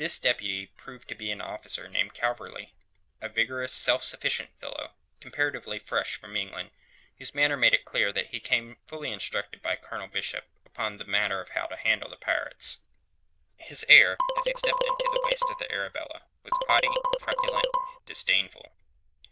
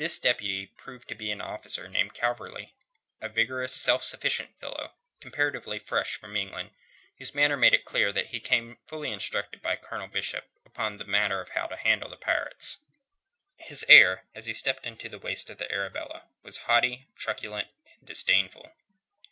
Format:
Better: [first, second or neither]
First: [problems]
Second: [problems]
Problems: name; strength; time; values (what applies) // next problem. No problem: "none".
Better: second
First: noise reduction (neural diffusion model UNIVERSE++)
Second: none